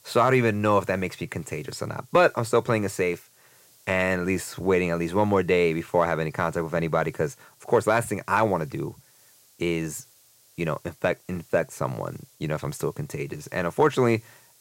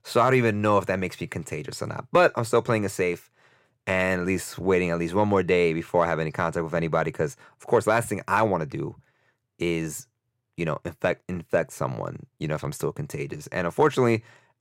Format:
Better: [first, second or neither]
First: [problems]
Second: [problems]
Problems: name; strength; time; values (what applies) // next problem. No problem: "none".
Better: second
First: hiss; faint; throughout; 30 dB below the speech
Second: none